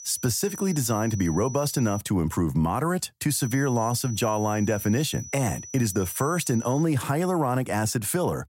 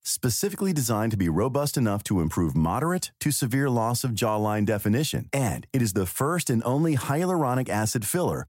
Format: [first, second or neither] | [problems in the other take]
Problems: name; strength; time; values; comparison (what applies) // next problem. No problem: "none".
second | high-pitched whine; noticeable; until 2 s and from 3.5 to 7 s; 6 kHz, 15 dB below the speech